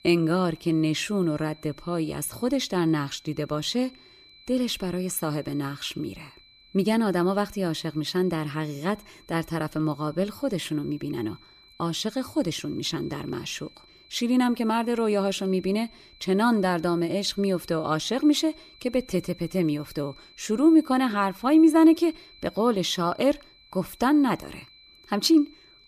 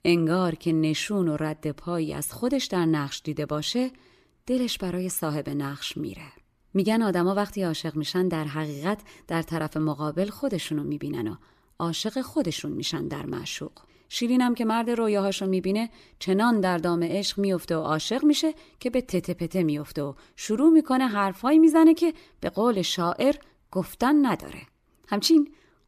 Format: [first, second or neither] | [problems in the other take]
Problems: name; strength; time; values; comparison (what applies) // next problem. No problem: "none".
second | high-pitched whine; faint; throughout; 4 kHz, 25 dB below the speech